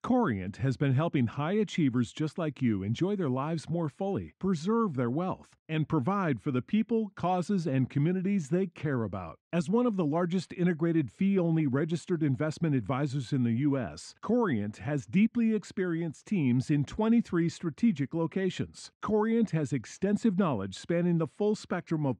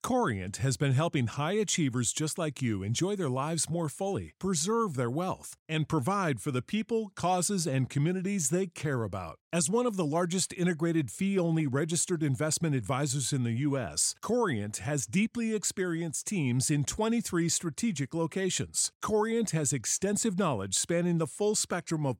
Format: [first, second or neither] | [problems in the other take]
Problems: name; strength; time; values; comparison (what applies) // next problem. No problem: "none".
second | muffled; very; fading above 2.5 kHz